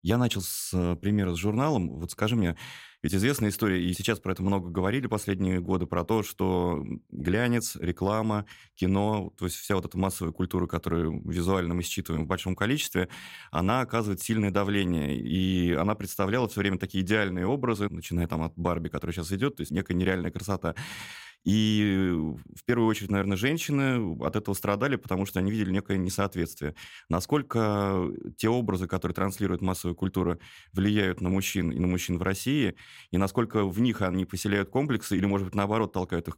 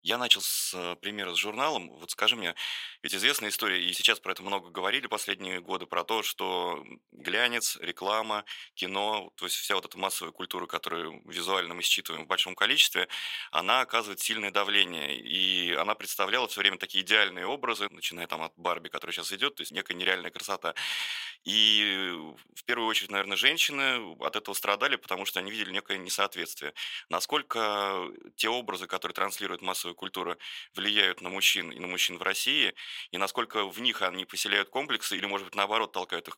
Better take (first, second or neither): first